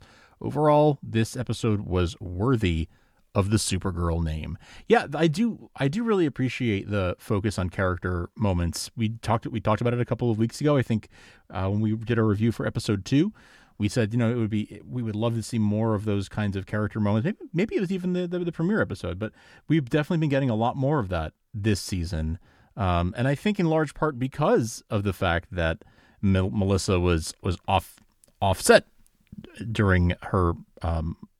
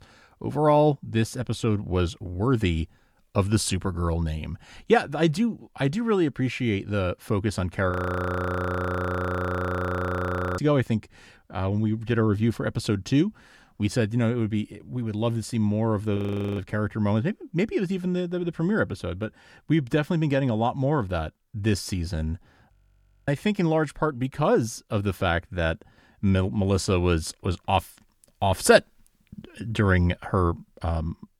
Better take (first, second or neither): first